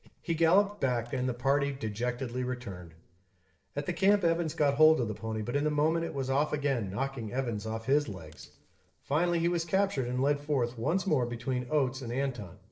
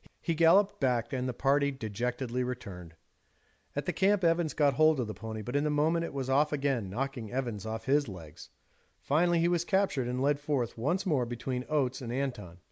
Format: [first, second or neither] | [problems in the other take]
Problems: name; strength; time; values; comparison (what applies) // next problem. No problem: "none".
second | noise reduction (neural separator model SepFormer DNS4)